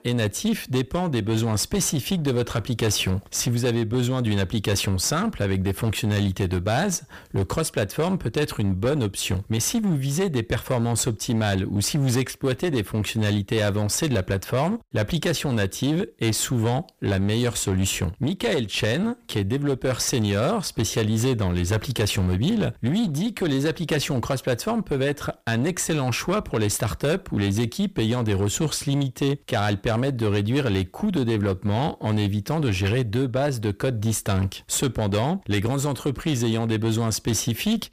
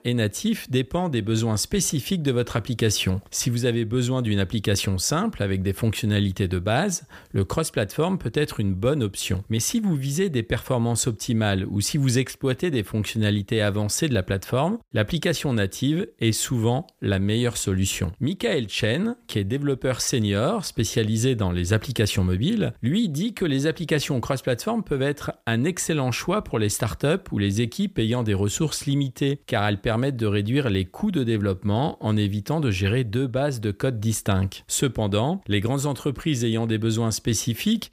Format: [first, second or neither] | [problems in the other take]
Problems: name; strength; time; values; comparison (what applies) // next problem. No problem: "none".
second | distortion; slight; 17% of the sound clipped